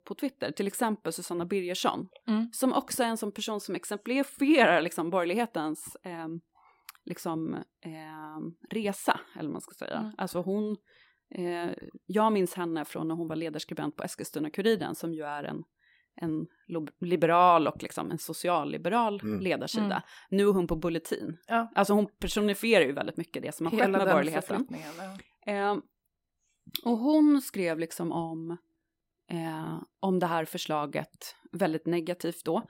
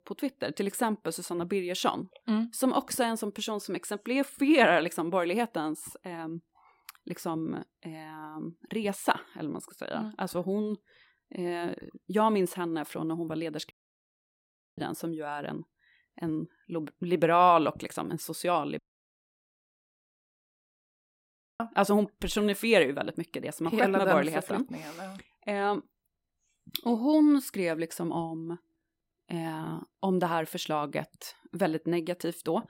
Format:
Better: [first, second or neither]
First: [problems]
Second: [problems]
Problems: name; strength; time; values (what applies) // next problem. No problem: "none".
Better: first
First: none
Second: audio cutting out; at 14 s for 1 s and at 19 s for 3 s